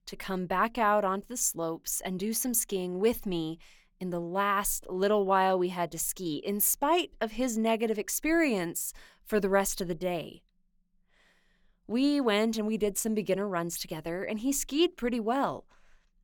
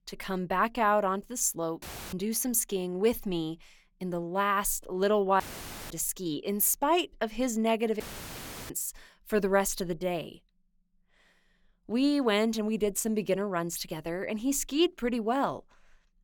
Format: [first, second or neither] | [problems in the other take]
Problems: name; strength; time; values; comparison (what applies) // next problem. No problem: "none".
first | audio cutting out; filled with static; at 2 s, at 5.5 s for 0.5 s and at 8 s for 0.5 s